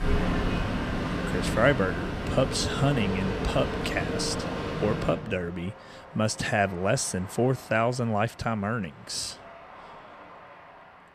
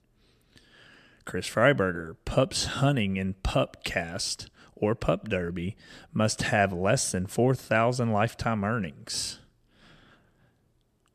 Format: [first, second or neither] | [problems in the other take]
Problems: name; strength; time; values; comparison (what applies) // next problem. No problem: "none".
second | train or aircraft noise; loud; throughout; 2 dB below the speech